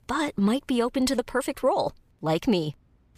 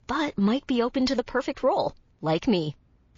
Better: first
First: none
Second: garbled, watery; slightly

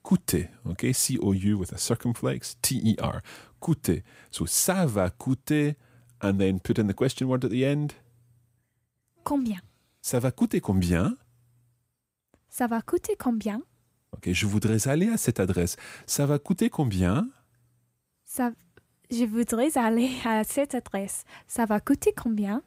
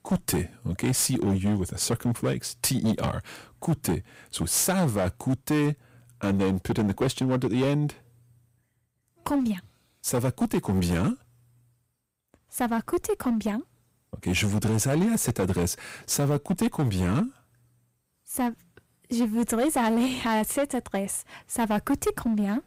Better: first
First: none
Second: distortion; slight; 10% of the sound clipped

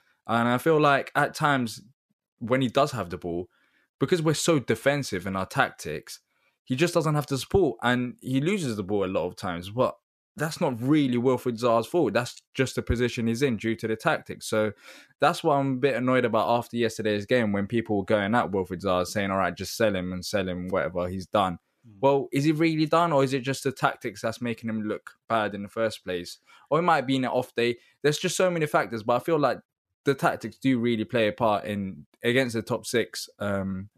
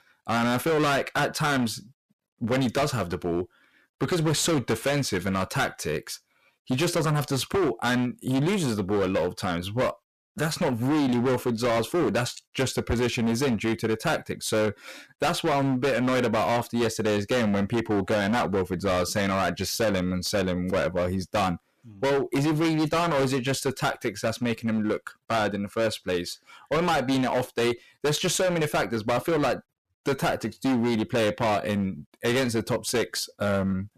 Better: first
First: none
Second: distortion; heavy; 20% of the sound clipped

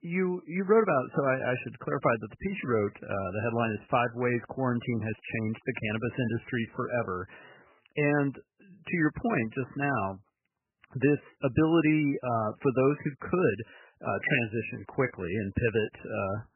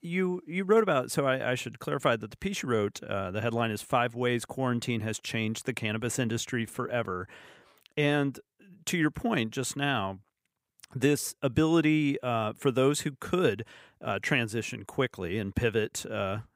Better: second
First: garbled, watery; badly; nothing above 3 kHz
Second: none

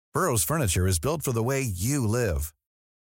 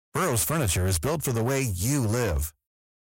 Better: first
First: none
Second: distortion; slight; 18% of the sound clipped

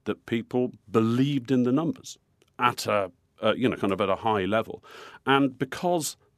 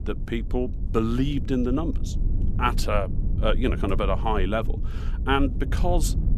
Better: first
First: none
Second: low rumble; noticeable; throughout; 15 dB below the speech

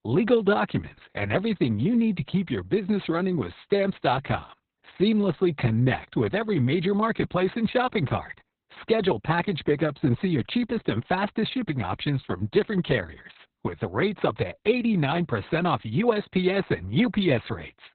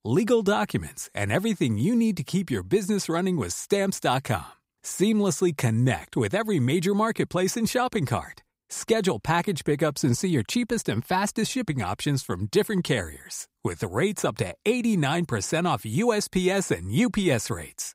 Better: second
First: garbled, watery; badly; nothing above 4 kHz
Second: none

